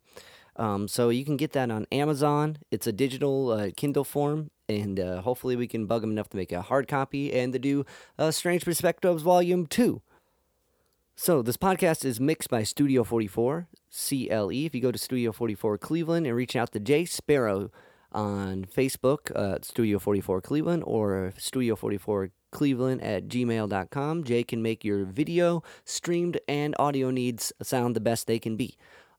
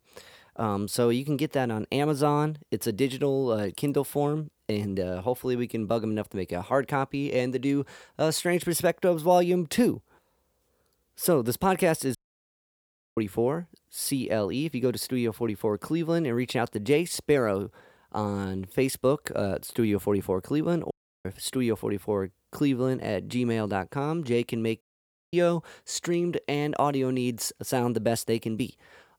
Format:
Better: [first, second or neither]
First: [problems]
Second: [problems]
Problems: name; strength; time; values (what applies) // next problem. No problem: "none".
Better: first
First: none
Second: audio cutting out; at 12 s for 1 s, at 21 s and at 25 s for 0.5 s